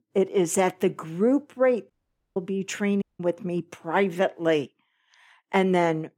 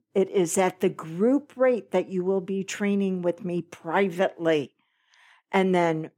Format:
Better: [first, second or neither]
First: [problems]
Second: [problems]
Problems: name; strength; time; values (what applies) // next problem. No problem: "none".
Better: second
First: audio cutting out; at 2 s and at 3 s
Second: none